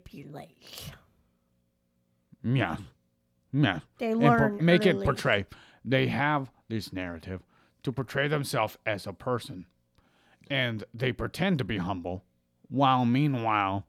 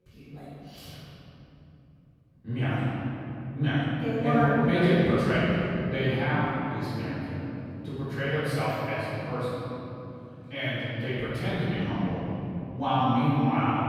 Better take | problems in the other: first | room echo; strong; dies away in 3 s // off-mic speech; far

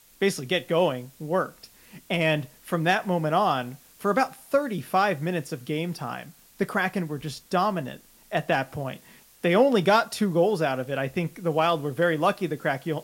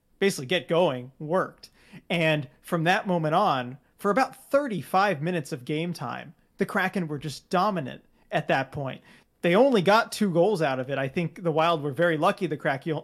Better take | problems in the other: second | hiss; faint; throughout; 25 dB below the speech

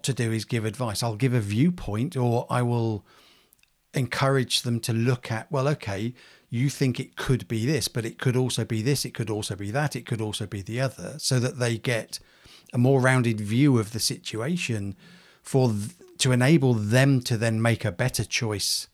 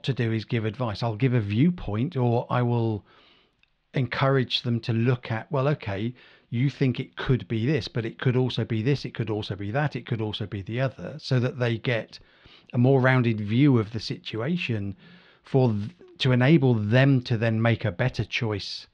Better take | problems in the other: first | muffled; slightly; fading above 3.5 kHz

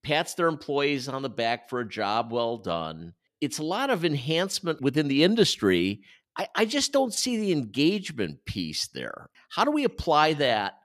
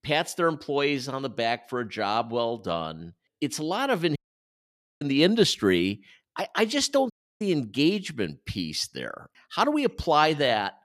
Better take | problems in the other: first | audio cutting out; at 4 s for 1 s and at 7 s

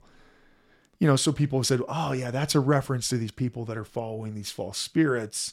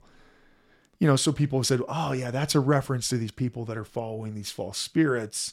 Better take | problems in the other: neither | none

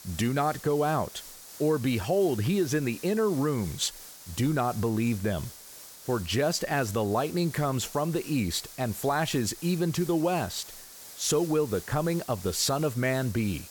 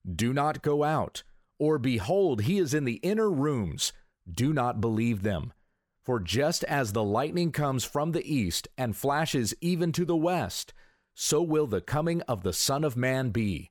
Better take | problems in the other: second | hiss; noticeable; throughout; 15 dB below the speech

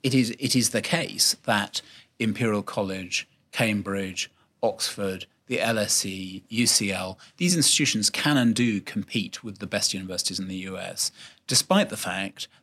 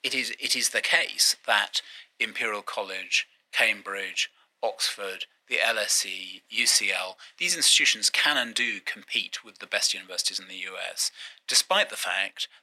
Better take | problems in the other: first | thin; very; fading below 700 Hz

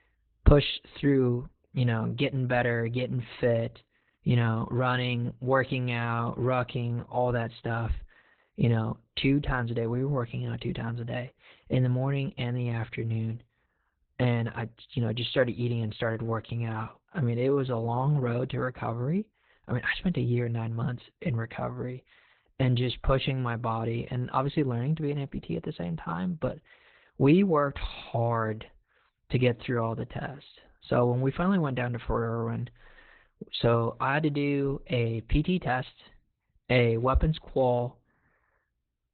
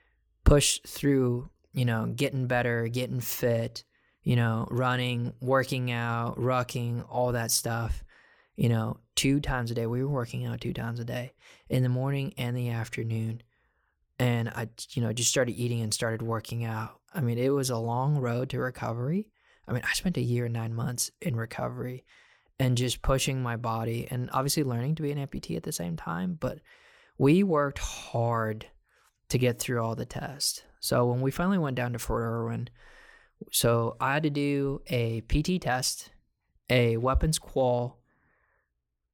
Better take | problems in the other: second | garbled, watery; badly; nothing above 4 kHz

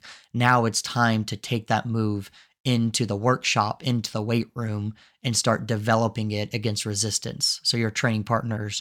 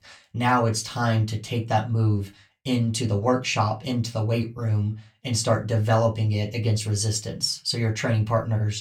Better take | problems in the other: first | off-mic speech; somewhat distant // room echo; very slight; dies away in 0.2 s

